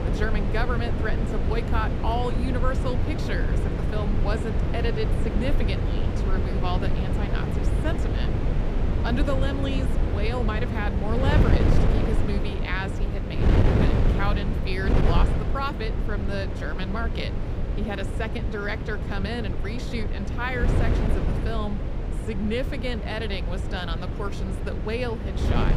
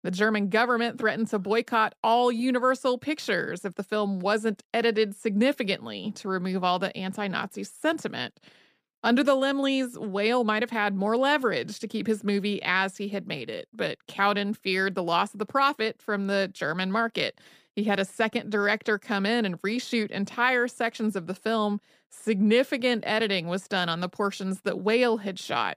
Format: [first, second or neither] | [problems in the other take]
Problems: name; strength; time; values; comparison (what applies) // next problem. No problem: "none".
second | wind noise on the microphone; heavy; 2 dB below the speech